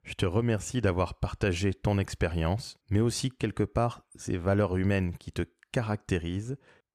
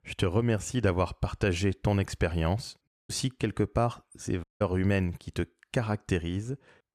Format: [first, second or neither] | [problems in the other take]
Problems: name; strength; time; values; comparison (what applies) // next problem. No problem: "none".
first | audio cutting out; at 3 s and at 4.5 s